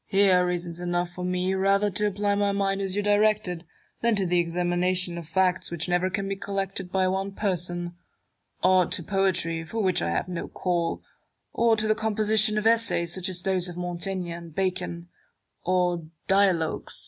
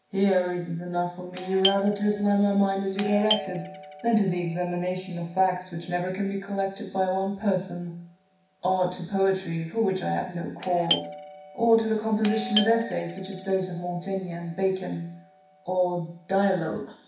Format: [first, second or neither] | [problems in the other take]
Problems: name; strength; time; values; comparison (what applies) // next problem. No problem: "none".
first | background sound (Doorbell); 12 dB below the speech // room echo; dies away in 0.6 s